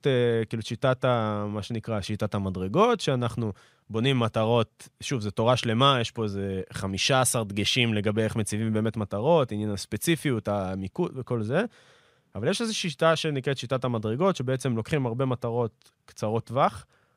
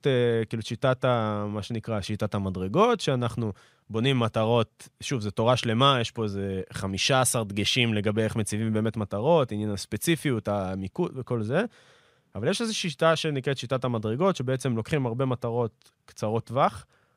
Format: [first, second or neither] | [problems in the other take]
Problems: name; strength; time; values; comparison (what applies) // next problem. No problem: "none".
neither | none